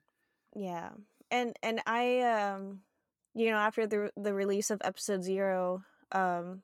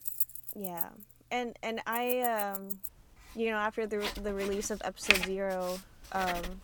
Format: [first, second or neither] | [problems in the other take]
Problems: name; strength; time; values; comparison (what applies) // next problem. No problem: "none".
first | household noises; very loud; throughout; 1 dB above the speech